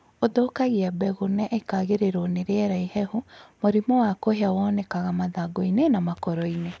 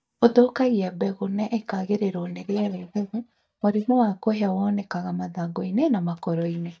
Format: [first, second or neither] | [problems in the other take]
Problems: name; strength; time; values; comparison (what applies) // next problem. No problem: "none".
first | noise reduction (neural mask model DeepFilterNet 3)